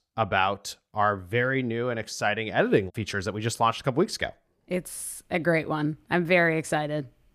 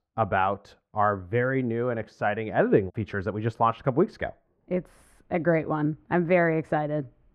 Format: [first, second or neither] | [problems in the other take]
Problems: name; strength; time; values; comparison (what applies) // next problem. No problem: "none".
first | muffled; very; fading above 3.5 kHz